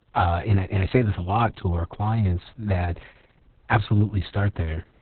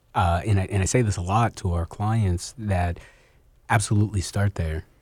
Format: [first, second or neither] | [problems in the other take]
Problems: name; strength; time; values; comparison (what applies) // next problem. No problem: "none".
second | garbled, watery; badly; nothing above 4 kHz